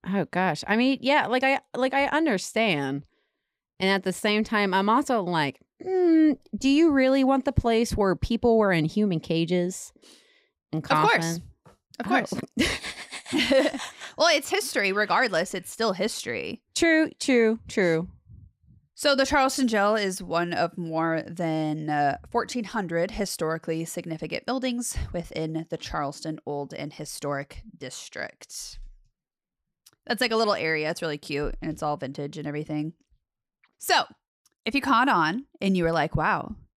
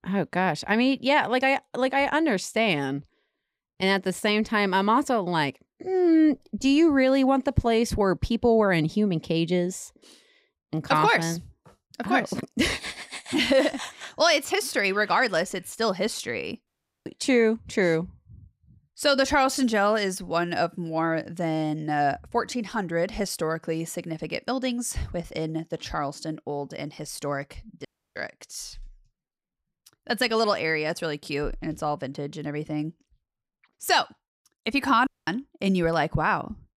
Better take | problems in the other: first | audio cutting out; at 17 s, at 28 s and at 35 s

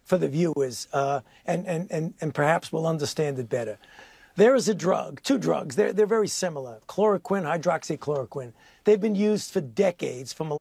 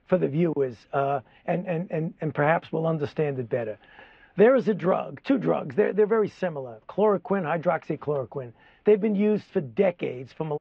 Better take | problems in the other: first | muffled; very; fading above 2.5 kHz

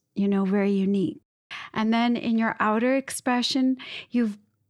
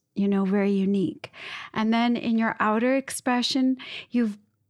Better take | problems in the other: second | audio cutting out; at 1 s

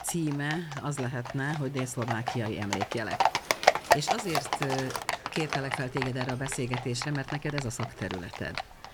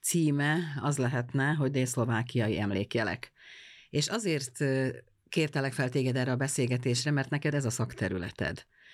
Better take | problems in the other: second | animal sounds; very loud; throughout; 1 dB above the speech

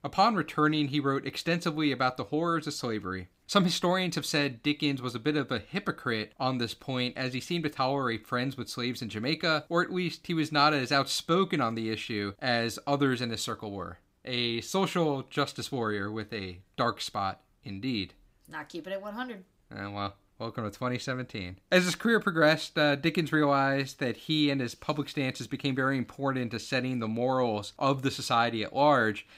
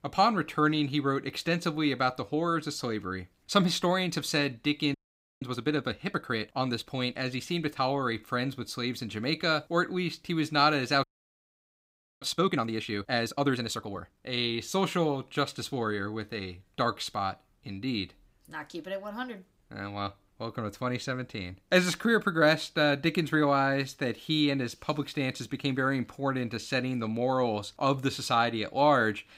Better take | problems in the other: first | audio freezing; at 5 s and at 11 s for 1 s

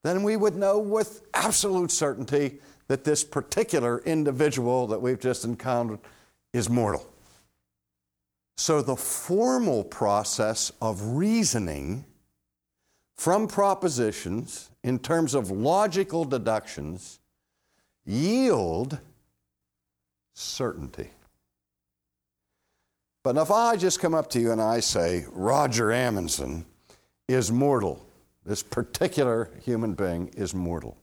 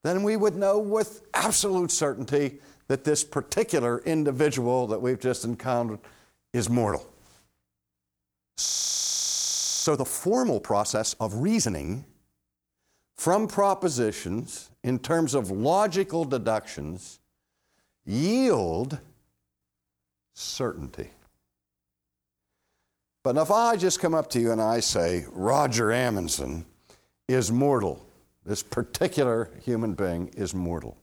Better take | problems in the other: first | audio freezing; at 8.5 s for 1 s

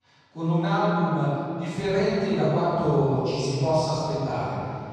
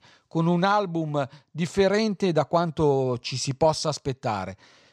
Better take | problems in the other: second | room echo; strong; dies away in 2.3 s // off-mic speech; far

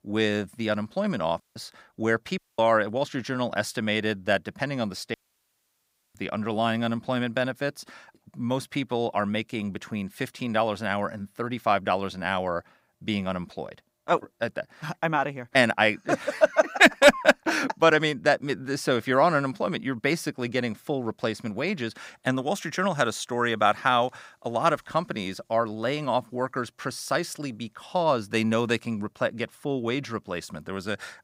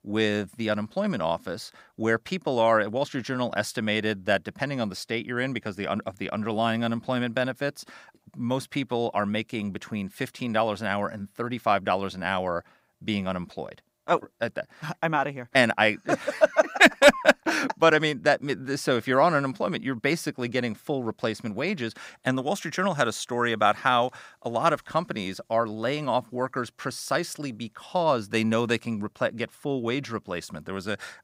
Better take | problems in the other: second | audio cutting out; at 1.5 s, at 2.5 s and at 5 s for 1 s

